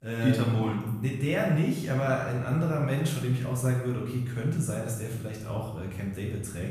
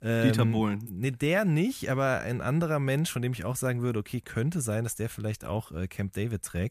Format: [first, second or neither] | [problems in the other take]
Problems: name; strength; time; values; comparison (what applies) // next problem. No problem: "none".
second | room echo; noticeable; dies away in 0.9 s // off-mic speech; far